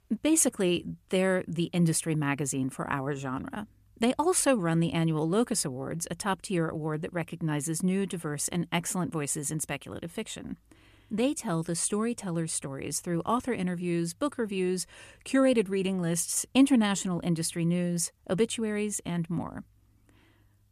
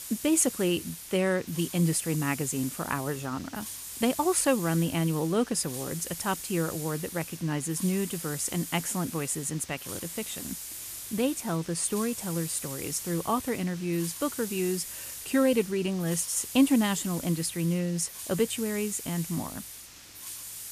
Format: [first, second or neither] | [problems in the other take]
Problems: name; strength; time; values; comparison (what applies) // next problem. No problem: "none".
first | hiss; loud; throughout; 9 dB below the speech